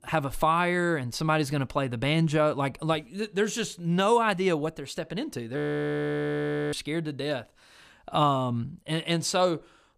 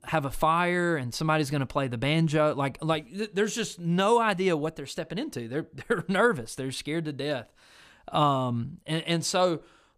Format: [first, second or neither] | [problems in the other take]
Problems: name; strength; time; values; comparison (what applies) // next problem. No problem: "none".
second | audio freezing; at 5.5 s for 1 s